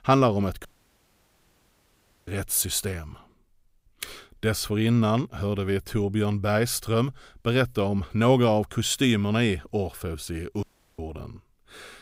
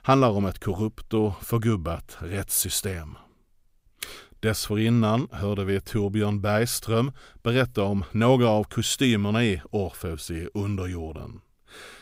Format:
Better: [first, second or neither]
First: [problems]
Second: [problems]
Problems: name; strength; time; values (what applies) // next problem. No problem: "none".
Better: second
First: audio cutting out; at 0.5 s for 1.5 s and at 11 s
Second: none